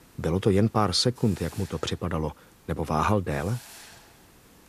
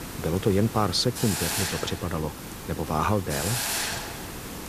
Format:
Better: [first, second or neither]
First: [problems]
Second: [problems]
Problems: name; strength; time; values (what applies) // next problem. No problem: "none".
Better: first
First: hiss; faint; throughout; 25 dB below the speech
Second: hiss; loud; throughout; 4 dB below the speech